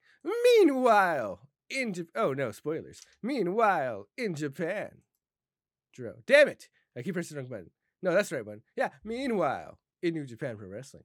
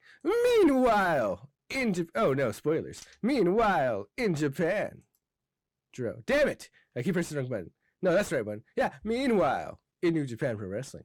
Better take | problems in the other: first | distortion; heavy; 5 dB below the speech

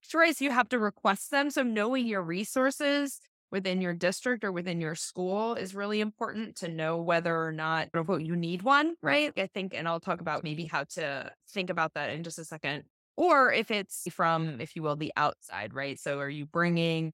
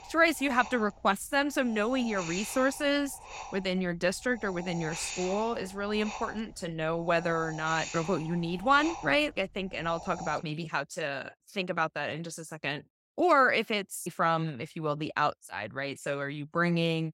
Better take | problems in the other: first | wind noise on the microphone; occasional gusts; until 10 s; 15 dB below the speech

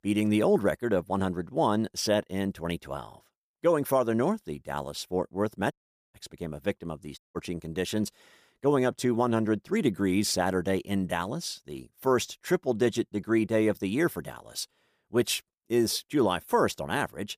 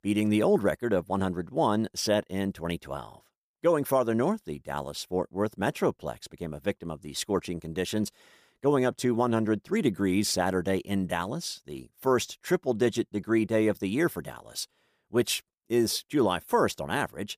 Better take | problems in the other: second | audio cutting out; at 5.5 s and at 7 s

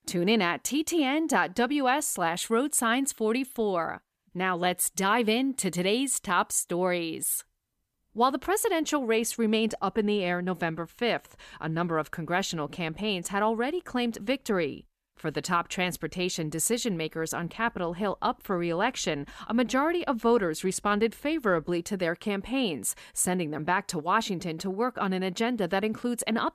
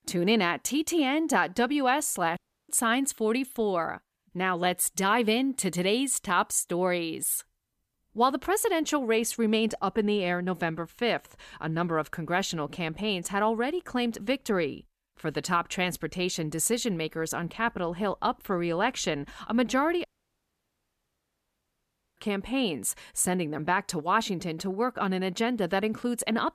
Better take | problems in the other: first | audio cutting out; at 2.5 s and at 20 s for 2 s

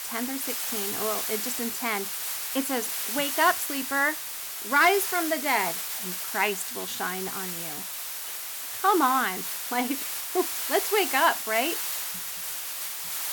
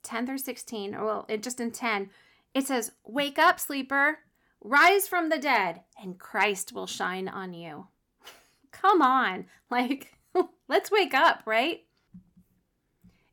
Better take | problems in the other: second | hiss; loud; throughout; 3 dB below the speech

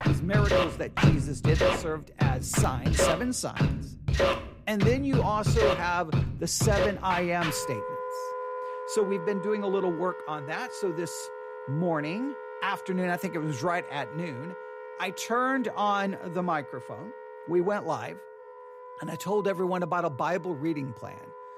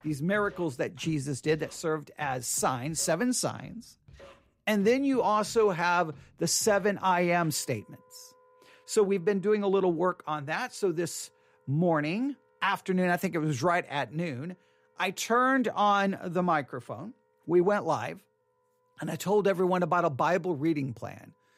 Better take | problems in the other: second | background music; loud; throughout; 1 dB below the speech; faint in the second

